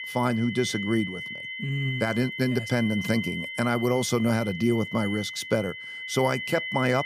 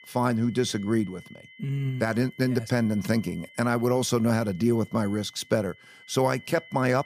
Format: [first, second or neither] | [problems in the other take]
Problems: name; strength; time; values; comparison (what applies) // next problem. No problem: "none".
second | high-pitched whine; loud; throughout; 2 kHz, 7 dB below the speech; faint in the second